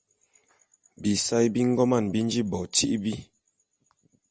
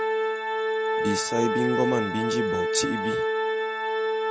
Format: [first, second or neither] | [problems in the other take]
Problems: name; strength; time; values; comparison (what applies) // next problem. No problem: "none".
first | background sound (Organ); 4 dB above the speech